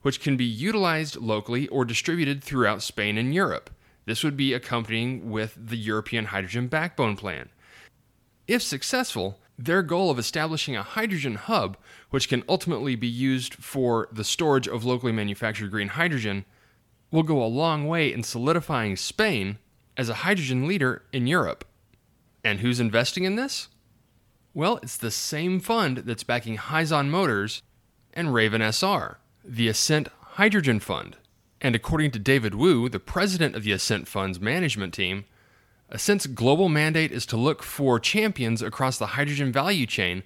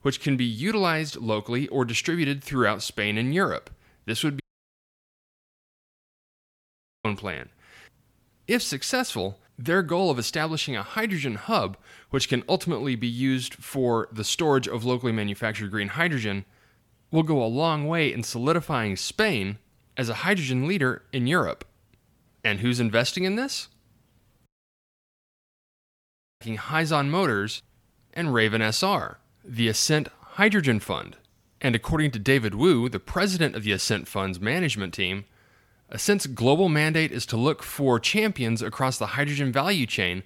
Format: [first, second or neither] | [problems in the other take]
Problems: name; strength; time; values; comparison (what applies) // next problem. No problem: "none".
first | audio cutting out; at 4.5 s for 2.5 s and at 24 s for 2 s